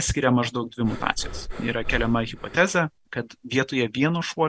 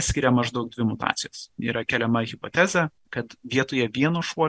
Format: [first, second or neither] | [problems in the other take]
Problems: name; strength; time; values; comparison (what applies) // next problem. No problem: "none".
second | background sound (Breathing); 8 dB below the speech